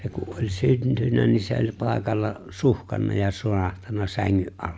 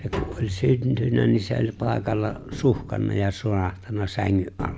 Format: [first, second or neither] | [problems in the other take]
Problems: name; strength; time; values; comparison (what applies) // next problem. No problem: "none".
first | background sound (Tap); 14 dB below the speech